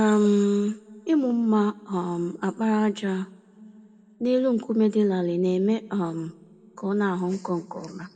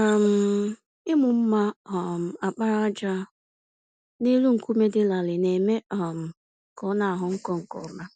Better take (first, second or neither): second